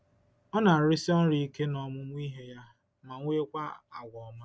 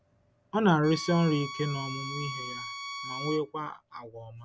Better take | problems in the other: first | background sound (Bowed string instrument); 9 dB below the speech

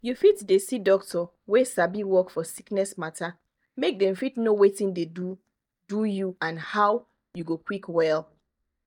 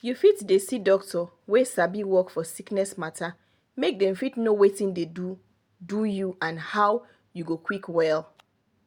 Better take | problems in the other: second | noise reduction (neural mask model DeepFilterNet 3)

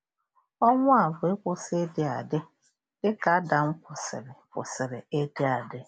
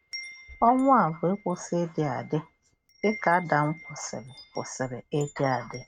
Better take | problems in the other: first | noise reduction (neural mask model RNNoise)

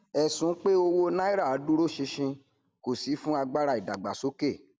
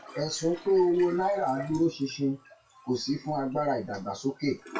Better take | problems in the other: first | noise reduction (classical method WPE with log-MMSE)

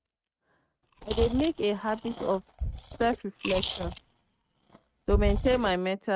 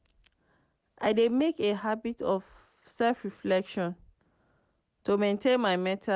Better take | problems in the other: second | noise reduction (neural mask model RNNoise)

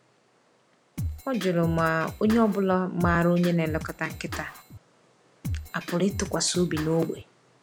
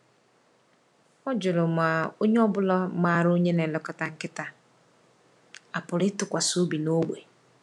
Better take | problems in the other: second | background sound (Drum kit); 9 dB below the speech

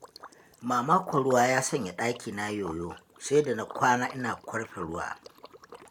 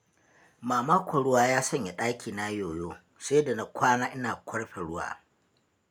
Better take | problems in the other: second | background sound (Liquid); 19 dB below the speech

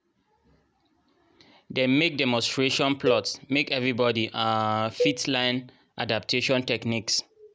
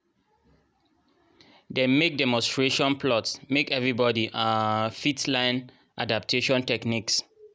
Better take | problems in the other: second | background sound (Cowbell); 7 dB below the speech

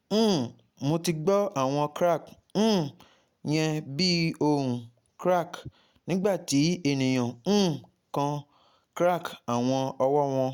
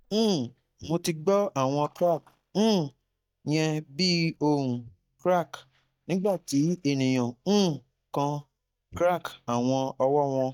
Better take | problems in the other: first | noise reduction (neural mask model DeepFilterNet 3)

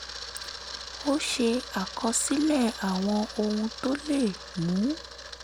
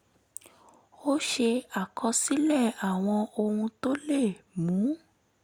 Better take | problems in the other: second | background sound (Camera); 12 dB below the speech

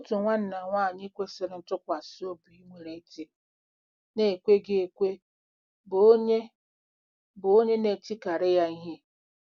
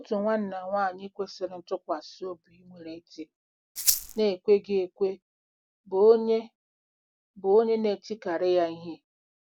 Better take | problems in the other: first | background sound (Rattle (instrument)); 1 dB above the speech

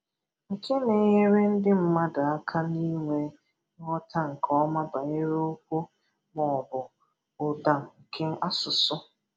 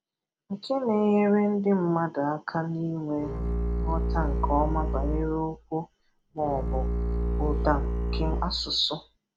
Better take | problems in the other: first | background sound (Bowed string instrument); as loud as the speech

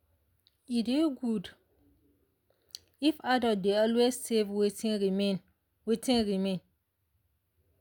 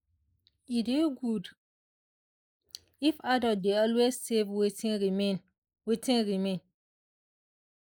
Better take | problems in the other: first | noise reduction (neural mask model Resemble Enhance denoiser)

